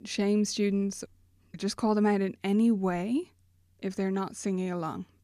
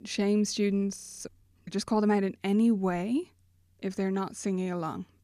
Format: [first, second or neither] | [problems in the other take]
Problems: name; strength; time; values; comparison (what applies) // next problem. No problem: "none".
first | audio freezing; at 1 s